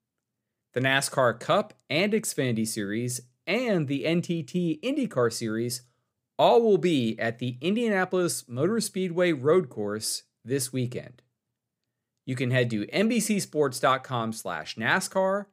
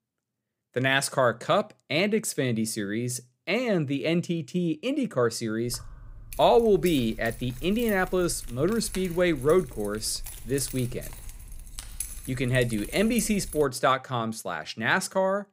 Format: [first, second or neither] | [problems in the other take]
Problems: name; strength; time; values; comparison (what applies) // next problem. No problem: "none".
first | jangling keys; noticeable; from 5.5 to 14 s; peak 9 dB below the speech